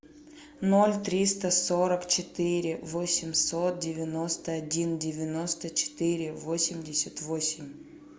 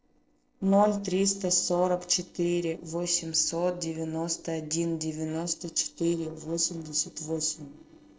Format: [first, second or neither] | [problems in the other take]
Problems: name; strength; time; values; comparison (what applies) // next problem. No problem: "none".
first | noise reduction (neural separator model SepFormer DNS4)